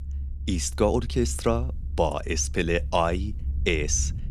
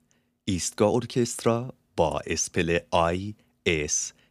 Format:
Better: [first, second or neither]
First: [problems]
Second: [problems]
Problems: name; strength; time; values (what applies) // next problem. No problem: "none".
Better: second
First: low rumble; faint; throughout; 25 dB below the speech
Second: none